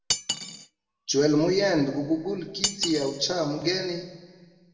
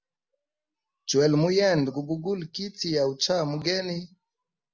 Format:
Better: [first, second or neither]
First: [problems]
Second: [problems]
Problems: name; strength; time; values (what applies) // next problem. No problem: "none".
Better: second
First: background sound (Cutlery, silverware); 8 dB below the speech // room echo; dies away in 1.3 s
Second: none